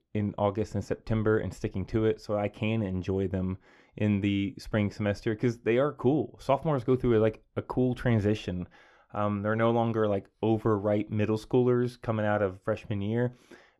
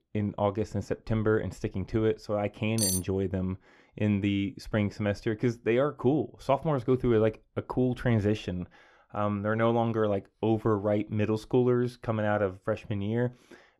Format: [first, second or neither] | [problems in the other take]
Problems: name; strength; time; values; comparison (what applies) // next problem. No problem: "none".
first | clattering dishes; loud; at 3 s; peak level with the speech